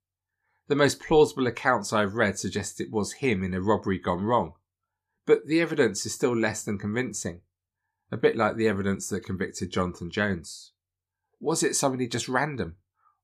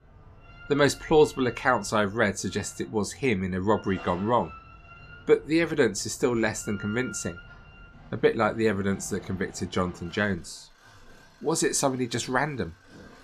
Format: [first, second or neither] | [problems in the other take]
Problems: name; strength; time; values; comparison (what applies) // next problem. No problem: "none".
first | machinery noise; faint; throughout; 20 dB below the speech